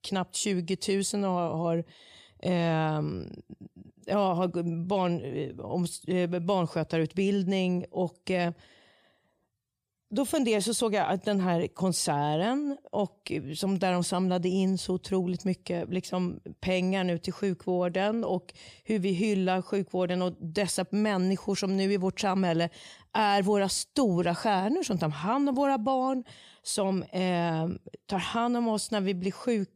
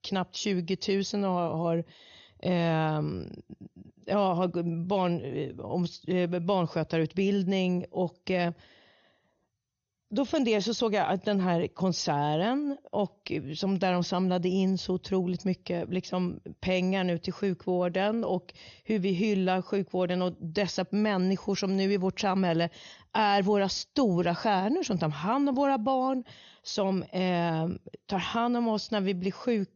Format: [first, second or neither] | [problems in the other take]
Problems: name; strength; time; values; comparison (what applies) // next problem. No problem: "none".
first | garbled, watery; slightly; nothing above 6.5 kHz